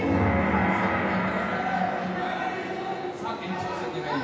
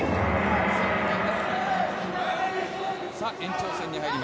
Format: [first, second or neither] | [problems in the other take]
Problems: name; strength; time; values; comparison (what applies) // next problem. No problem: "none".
second | room echo; dies away in 0.9 s